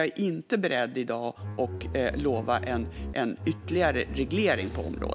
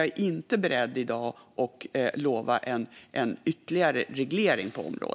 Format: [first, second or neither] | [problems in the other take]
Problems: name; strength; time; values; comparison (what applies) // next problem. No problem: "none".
second | background sound (Bowed string instrument); 7 dB below the speech